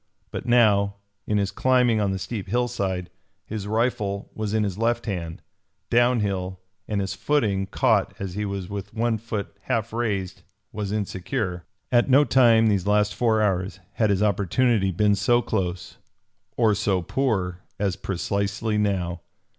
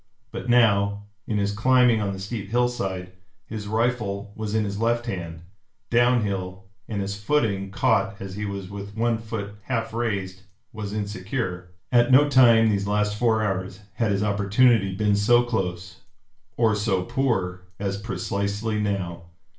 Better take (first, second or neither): first